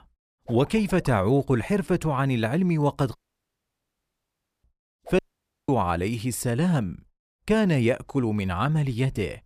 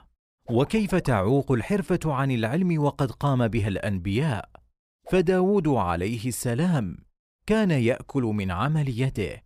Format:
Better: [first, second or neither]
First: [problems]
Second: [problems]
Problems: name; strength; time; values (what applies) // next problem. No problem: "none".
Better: second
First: audio cutting out; at 3 s for 1.5 s and at 5 s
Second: none